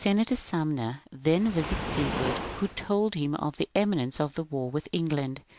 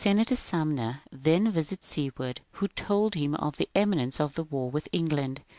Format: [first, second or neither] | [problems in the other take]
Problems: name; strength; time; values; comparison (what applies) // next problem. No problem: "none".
second | background sound (Waves, surf); 10 dB below the speech